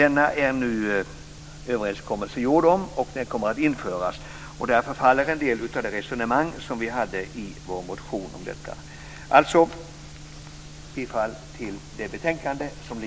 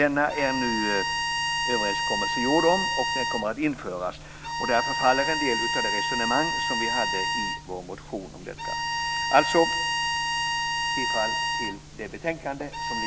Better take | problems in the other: first | background sound (Bowed string instrument); as loud as the speech

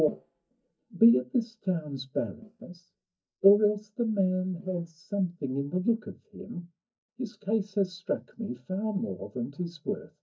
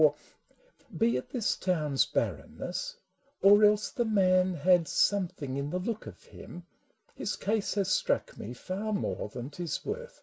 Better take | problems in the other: second | noise reduction (neural mask model DeepFilterNet 3)

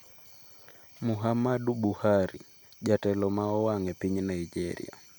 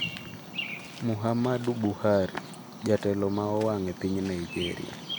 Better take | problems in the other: first | background sound (Bird vocalization, bird call, bird song); 10 dB below the speech

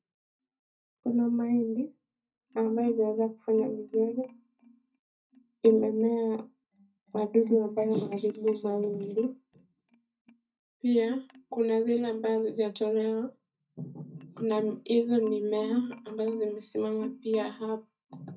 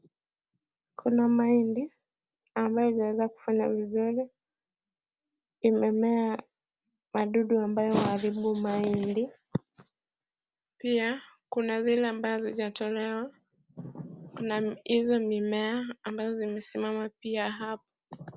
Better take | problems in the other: second | noise reduction (neural mask model DeepFilterNet 3)

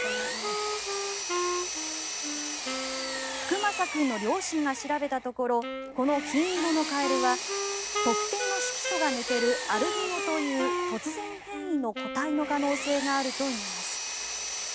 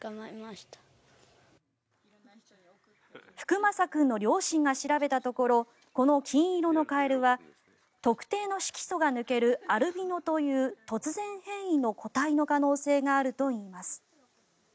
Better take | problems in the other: second | background sound (Power tool + Wind instrument, woodwind instrument); 1 dB below the speech

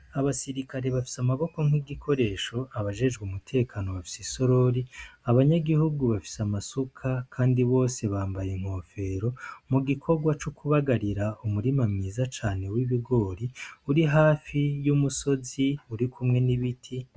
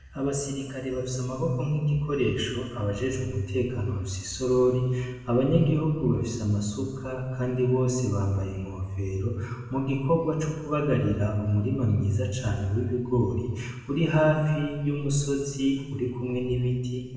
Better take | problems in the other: first | room echo; dies away in 1.2 s

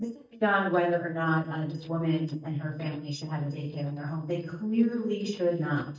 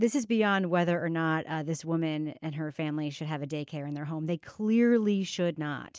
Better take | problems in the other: second | noise reduction (neural mask model DeepFilterNet 3)

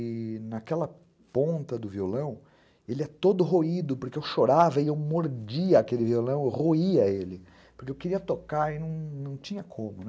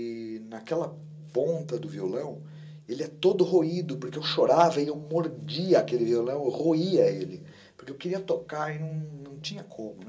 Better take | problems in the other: first | room echo; dies away in 0.2 s

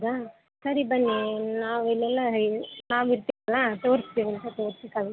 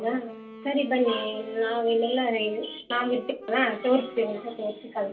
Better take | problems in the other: first | background sound (Wind instrument, woodwind instrument); 18 dB below the speech // room echo; dies away in 0.3 s

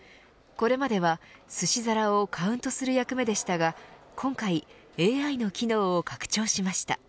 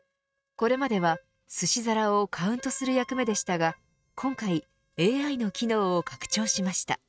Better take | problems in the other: first | noise reduction (neural mask model RNNoise)

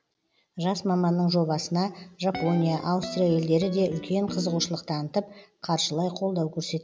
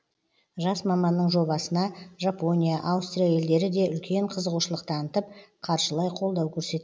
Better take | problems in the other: second | background sound (Guitar); 12 dB below the speech

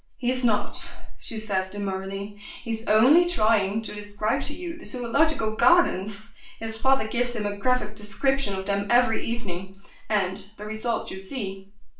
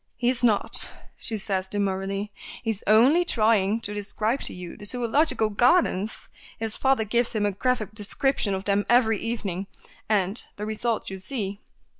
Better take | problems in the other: second | room echo; dies away in 0.4 s

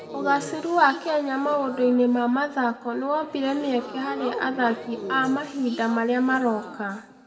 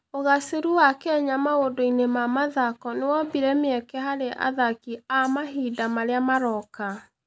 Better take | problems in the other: second | background sound (Crowd / Gasp); 14 dB below the speech // room echo; dies away in 1.3 s

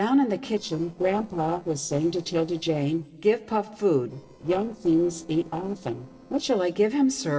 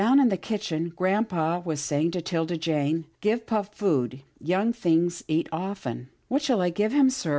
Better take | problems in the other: second | noise reduction (neural separator model SepFormer DNS4)

